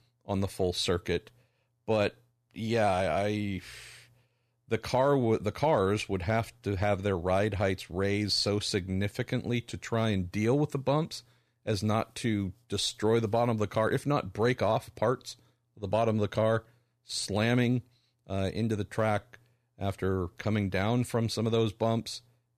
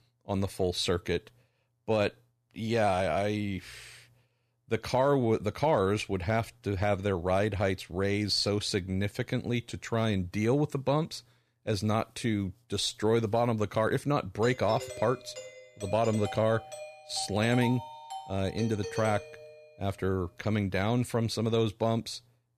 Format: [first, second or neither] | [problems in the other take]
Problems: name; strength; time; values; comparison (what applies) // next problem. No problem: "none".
first | doorbell; noticeable; from 14 to 20 s; peak 8 dB below the speech